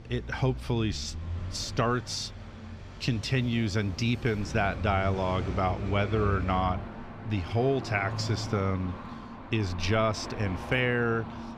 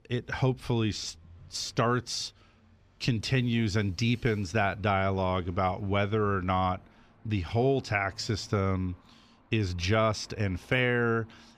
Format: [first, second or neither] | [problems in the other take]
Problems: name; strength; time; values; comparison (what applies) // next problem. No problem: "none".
second | traffic noise; loud; throughout; 9 dB below the speech; faint in the second